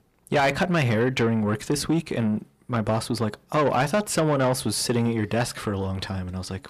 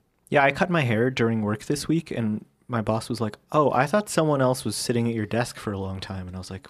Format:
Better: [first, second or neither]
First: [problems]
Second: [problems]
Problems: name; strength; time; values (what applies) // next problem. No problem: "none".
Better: second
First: distortion; slight; 10 dB below the speech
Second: none